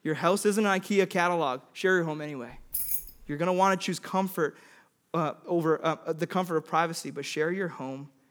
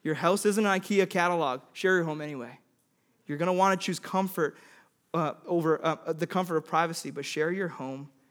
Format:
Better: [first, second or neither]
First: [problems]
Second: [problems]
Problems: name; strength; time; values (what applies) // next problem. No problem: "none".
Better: second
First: jangling keys; loud; at 2.5 s; peak level with the speech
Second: none